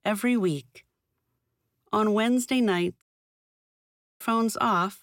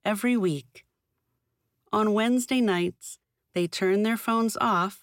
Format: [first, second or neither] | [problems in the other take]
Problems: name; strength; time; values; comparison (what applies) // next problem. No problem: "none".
second | audio cutting out; at 3 s for 1 s